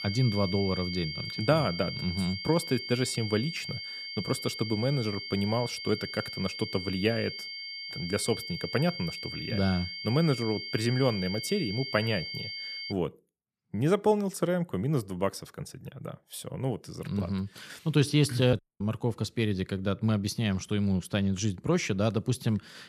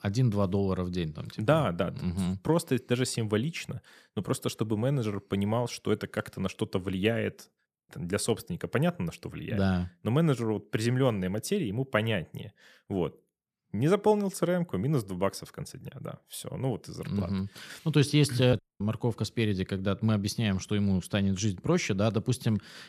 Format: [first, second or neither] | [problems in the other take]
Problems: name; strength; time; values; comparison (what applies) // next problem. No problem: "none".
second | high-pitched whine; loud; until 13 s; 4.5 kHz, 6 dB below the speech